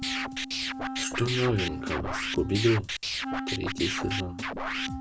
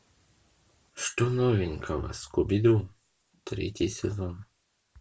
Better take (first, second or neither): second